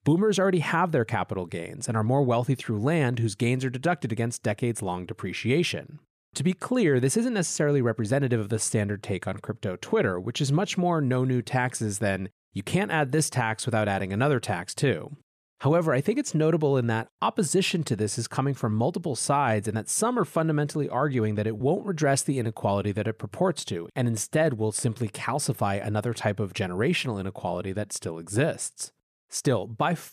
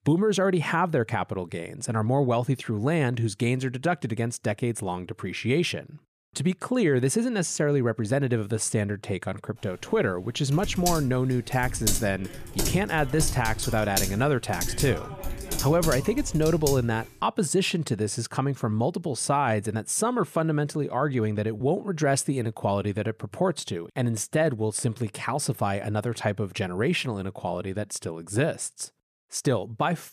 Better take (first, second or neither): first